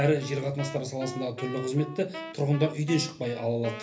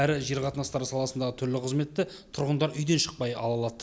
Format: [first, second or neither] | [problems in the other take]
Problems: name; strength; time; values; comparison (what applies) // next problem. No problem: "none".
second | background sound (Wind instrument, woodwind instrument); 13 dB below the speech // room echo; dies away in 0.3 s